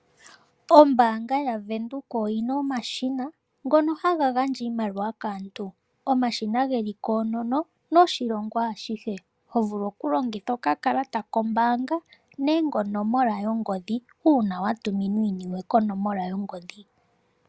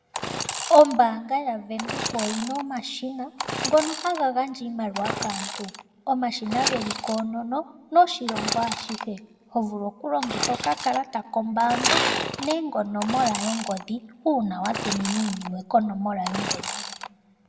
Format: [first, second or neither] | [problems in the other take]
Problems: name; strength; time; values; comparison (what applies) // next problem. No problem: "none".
first | background sound (Sawing / Engine); 6 dB below the speech // room echo; dies away in 0.8 s